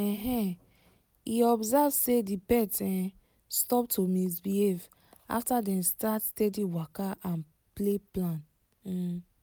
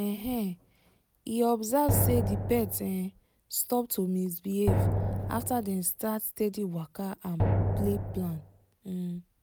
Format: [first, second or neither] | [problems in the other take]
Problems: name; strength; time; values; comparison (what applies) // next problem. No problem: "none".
first | background sound (Drum); 1 dB above the speech